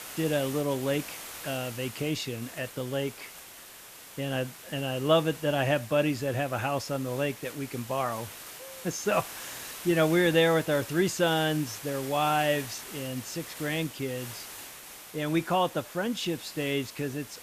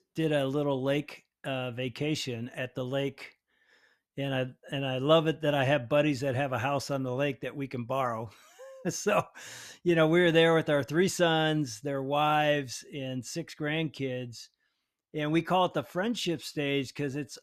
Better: second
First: hiss; noticeable; throughout; 10 dB below the speech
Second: none

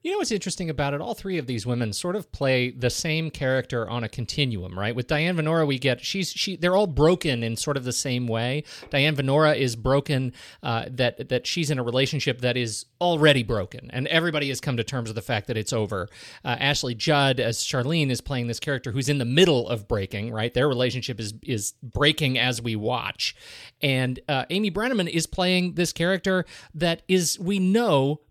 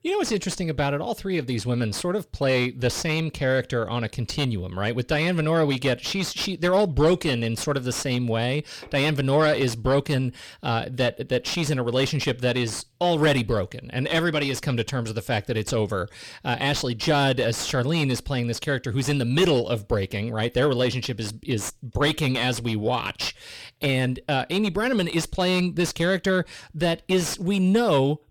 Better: first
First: none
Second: distortion; slight; 10 dB below the speech

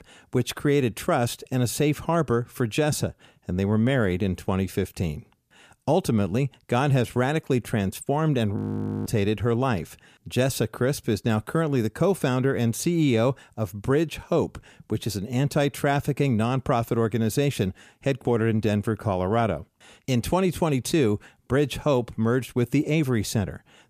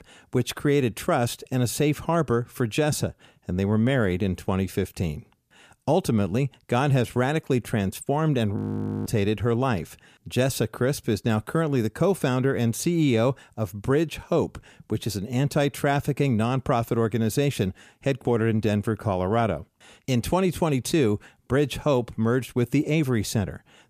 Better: neither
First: audio freezing; at 8.5 s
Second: audio freezing; at 8.5 s

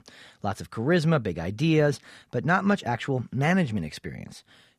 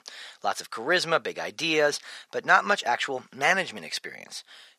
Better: first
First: none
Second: thin; very; fading below 650 Hz

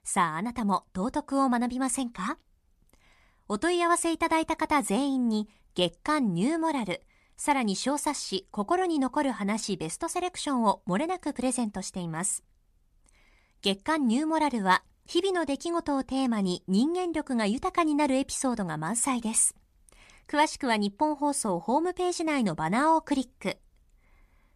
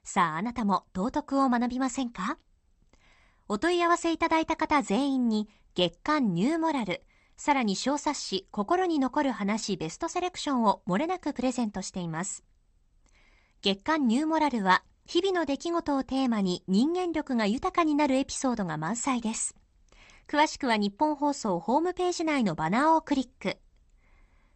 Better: first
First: none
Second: garbled, watery; slightly; nothing above 8.5 kHz

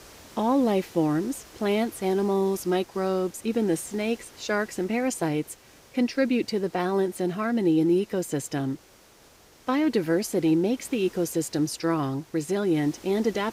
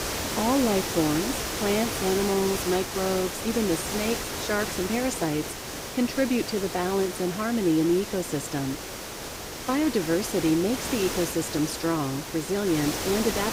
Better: first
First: hiss; faint; throughout; 25 dB below the speech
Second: hiss; loud; throughout; 4 dB below the speech

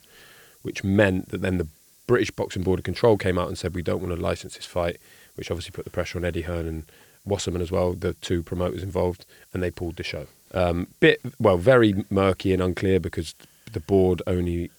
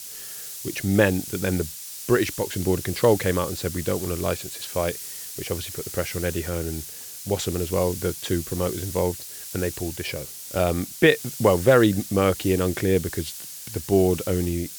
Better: first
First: hiss; faint; throughout; 30 dB below the speech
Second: hiss; loud; throughout; 9 dB below the speech

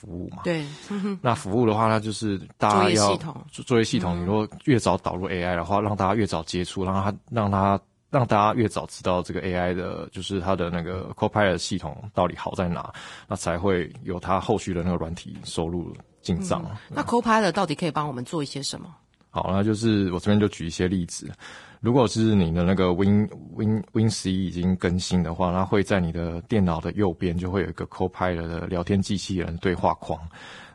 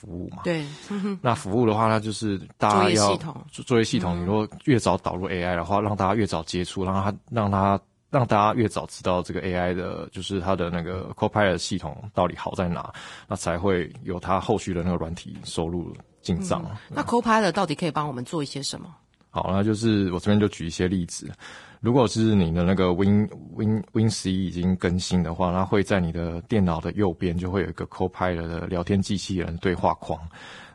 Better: neither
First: garbled, watery; badly; nothing above 10.5 kHz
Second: garbled, watery; badly; nothing above 10.5 kHz

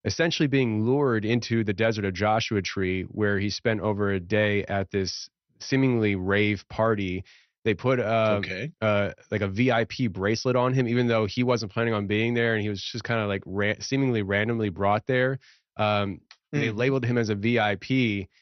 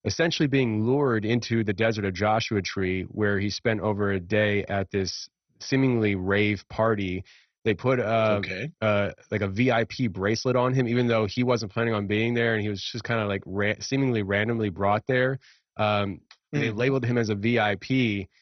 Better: first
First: garbled, watery; slightly; nothing above 6 kHz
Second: garbled, watery; badly; nothing above 6 kHz

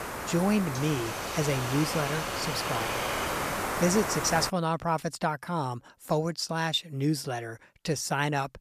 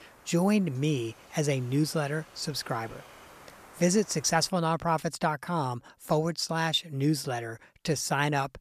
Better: second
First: hiss; loud; until 4.5 s; 2 dB below the speech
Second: hiss; faint; until 4.5 s; 25 dB below the speech

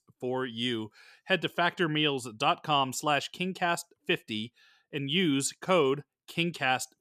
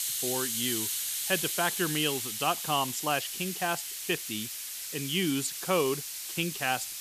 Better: first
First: none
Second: hiss; loud; throughout; 1 dB below the speech

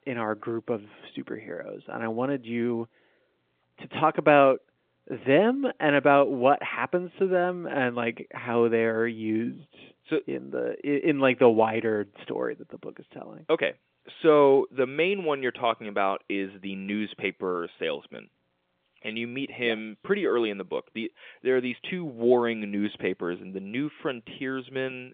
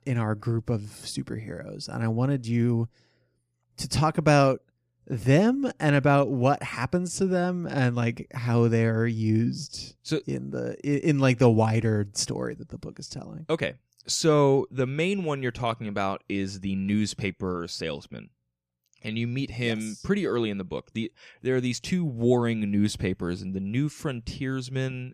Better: second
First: phone-call audio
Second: none

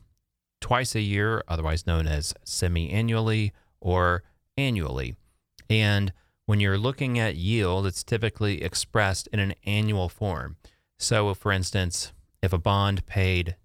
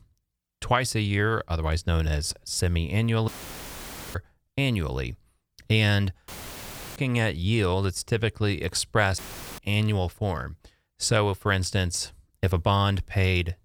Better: first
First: none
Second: audio cutting out; filled with static; at 3.5 s for 1 s, at 6.5 s for 0.5 s and at 9 s

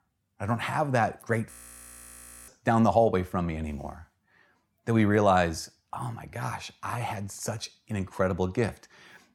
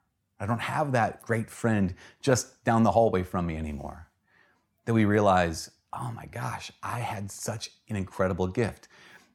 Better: second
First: audio freezing; at 1.5 s for 1 s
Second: none

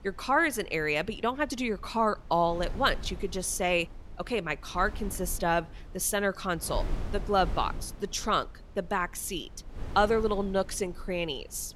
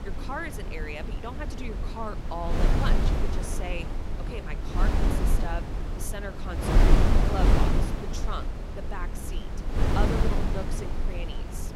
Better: first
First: wind noise on the microphone; occasional gusts; 20 dB below the speech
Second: wind noise on the microphone; heavy; 2 dB above the speech

